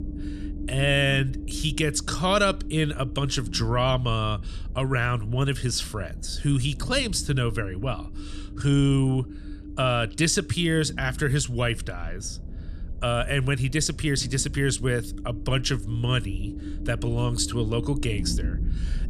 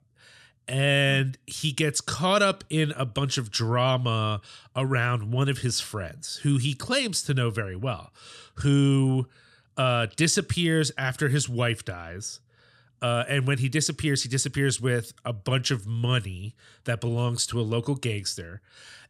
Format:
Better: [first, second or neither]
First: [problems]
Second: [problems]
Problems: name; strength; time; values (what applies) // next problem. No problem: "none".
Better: second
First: low rumble; noticeable; throughout; 20 dB below the speech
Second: none